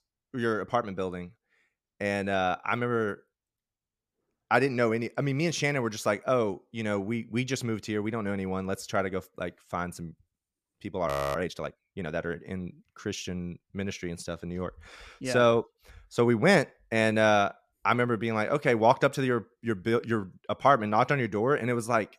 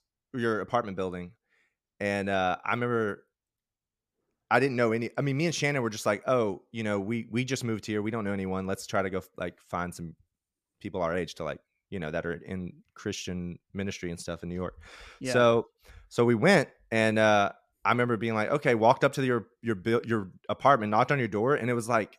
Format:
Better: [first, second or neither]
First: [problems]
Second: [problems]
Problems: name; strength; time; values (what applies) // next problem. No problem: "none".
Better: second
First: audio freezing; at 11 s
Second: none